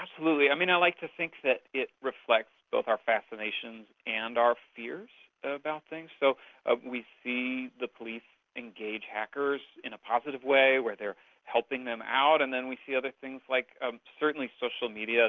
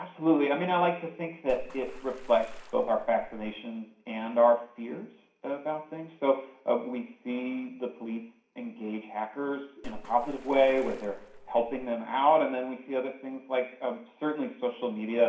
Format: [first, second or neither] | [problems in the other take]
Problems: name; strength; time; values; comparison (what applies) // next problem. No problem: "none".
first | background sound (Water / Splash, splatter); 14 dB below the speech // room echo; dies away in 0.5 s